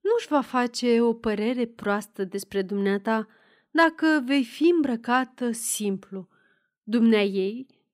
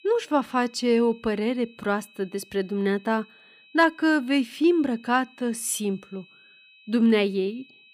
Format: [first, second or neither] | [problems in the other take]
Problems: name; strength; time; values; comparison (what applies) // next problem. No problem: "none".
first | high-pitched whine; faint; throughout; 2.5 kHz, 25 dB below the speech